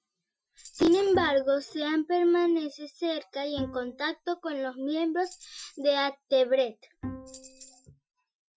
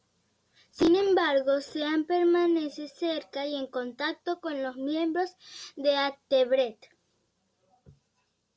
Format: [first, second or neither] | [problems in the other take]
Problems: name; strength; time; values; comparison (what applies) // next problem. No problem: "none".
second | noise reduction (classical method Wiener filter)